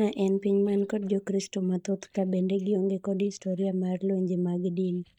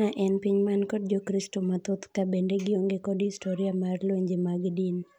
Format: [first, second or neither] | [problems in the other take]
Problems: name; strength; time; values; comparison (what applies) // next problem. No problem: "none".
second | noise reduction (neural mask model DeepFilterNet 3)